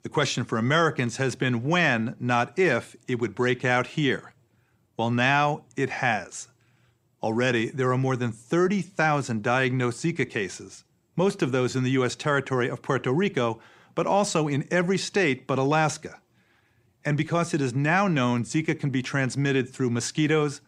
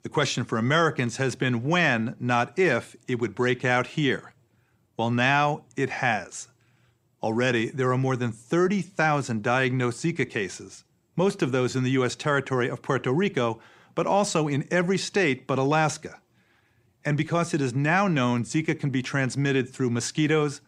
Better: neither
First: none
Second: none

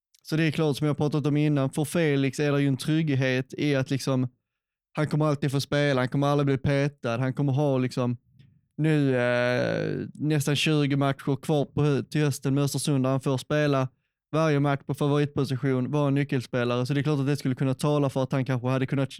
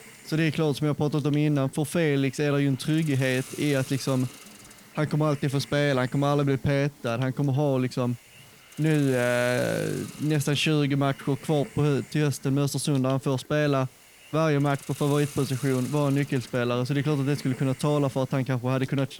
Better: first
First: none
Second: hiss; noticeable; throughout; 20 dB below the speech

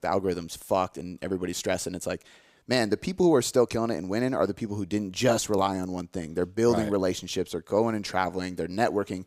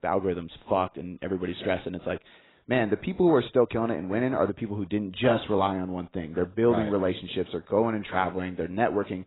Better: first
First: none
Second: garbled, watery; badly; nothing above 4 kHz

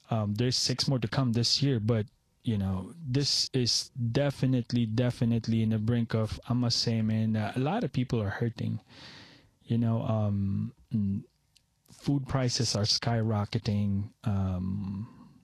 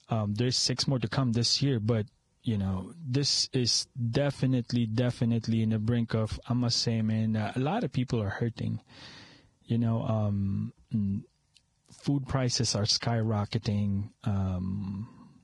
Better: first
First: garbled, watery; slightly; nothing above 12.5 kHz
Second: garbled, watery; badly; nothing above 10 kHz

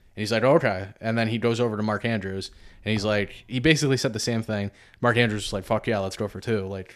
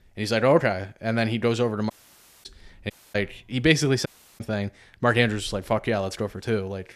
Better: first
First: none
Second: audio cutting out; at 2 s for 0.5 s, at 3 s and at 4 s

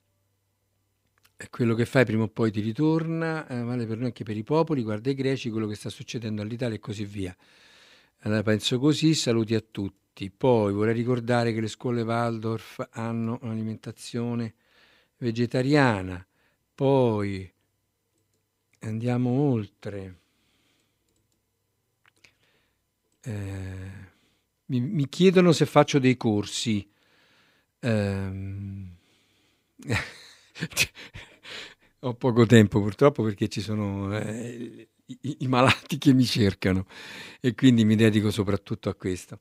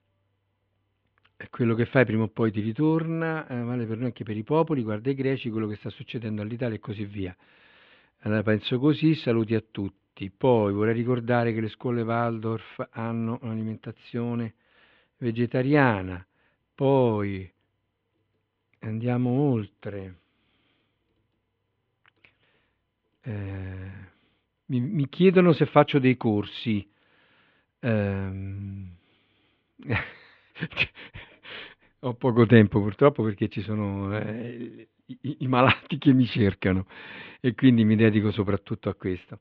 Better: first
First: none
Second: muffled; very; fading above 3 kHz

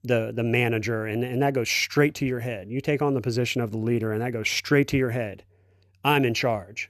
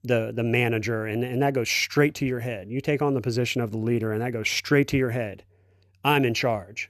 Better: neither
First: none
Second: none

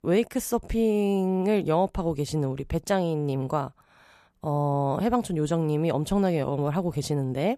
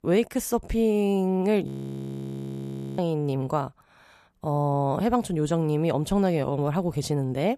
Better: first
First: none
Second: audio freezing; at 1.5 s for 1.5 s

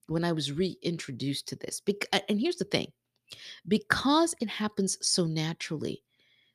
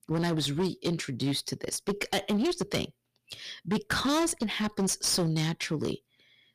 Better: first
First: none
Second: distortion; heavy; 13% of the sound clipped

